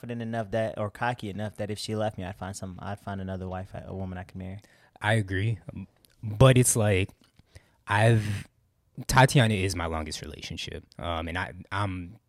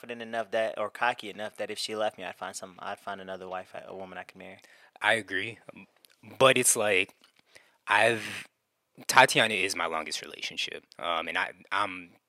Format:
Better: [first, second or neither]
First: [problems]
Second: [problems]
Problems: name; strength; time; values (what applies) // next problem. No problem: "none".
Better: first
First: none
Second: thin; very; fading below 400 Hz